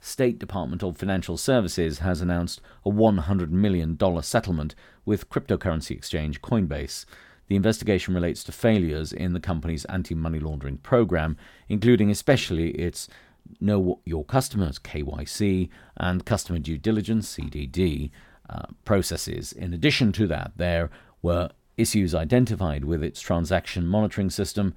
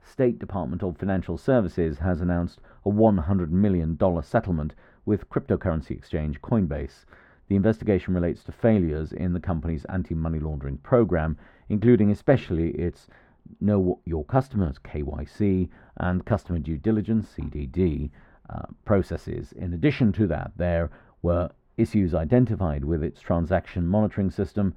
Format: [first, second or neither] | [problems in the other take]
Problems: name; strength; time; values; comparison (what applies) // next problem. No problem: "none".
first | muffled; very; fading above 3 kHz